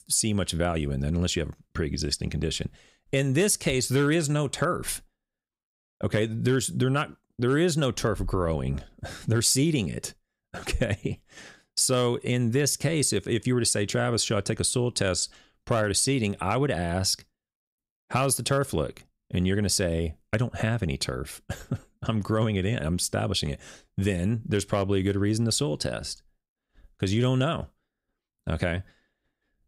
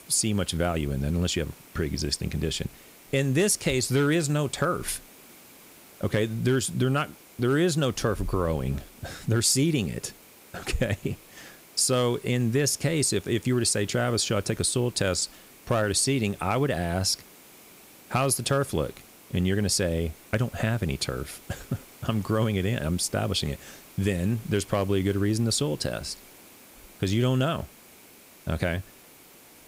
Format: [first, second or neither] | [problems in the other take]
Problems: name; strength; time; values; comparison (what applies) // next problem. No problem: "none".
first | hiss; faint; throughout; 20 dB below the speech